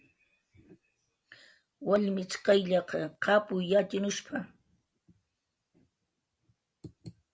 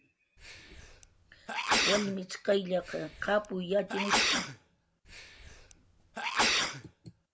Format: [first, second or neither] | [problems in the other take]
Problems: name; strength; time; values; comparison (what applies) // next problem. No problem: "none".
first | background sound (Sneeze); 2 dB above the speech